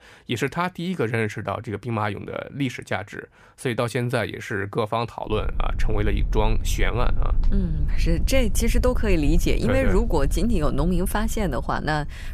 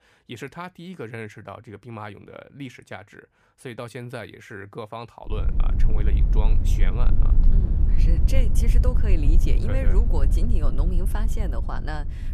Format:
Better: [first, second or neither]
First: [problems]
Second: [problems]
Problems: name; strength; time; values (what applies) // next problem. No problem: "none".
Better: first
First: low rumble; faint; from 5.5 s on; 20 dB below the speech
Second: low rumble; loud; from 5.5 s on; 5 dB below the speech